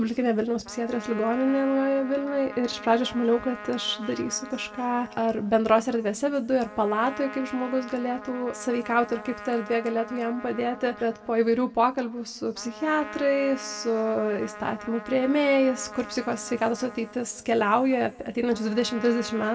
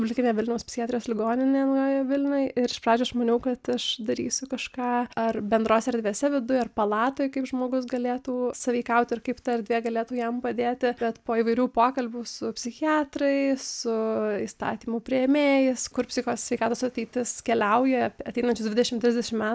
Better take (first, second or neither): second